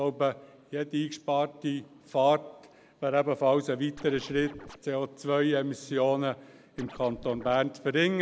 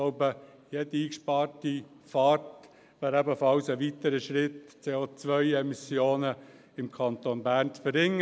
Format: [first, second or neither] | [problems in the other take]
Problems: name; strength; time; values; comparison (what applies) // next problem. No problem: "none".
second | background sound (Scratching (performance technique)); 17 dB below the speech